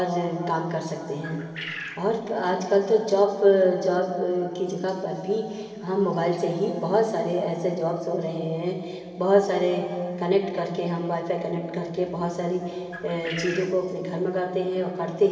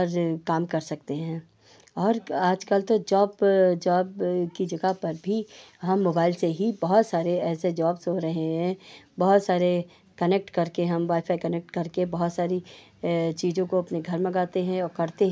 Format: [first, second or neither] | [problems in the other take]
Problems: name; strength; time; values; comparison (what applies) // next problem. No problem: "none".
second | background sound (Bird); 12 dB below the speech // room echo; dies away in 2.5 s